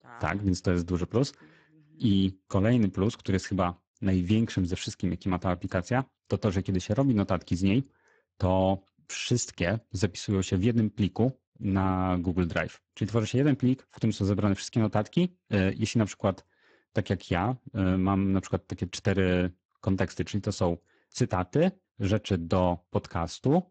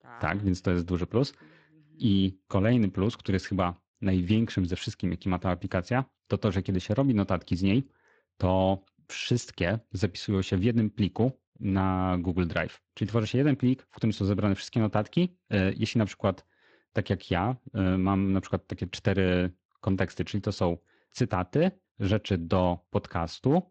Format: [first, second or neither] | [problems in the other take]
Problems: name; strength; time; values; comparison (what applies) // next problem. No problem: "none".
second | garbled, watery; badly; nothing above 7.5 kHz; slightly in the second